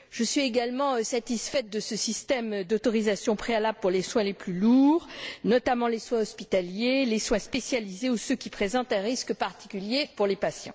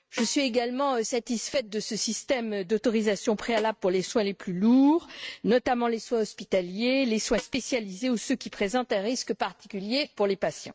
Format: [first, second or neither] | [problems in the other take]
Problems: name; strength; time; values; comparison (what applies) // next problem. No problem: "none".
first | noise reduction (neural mask model RNNoise)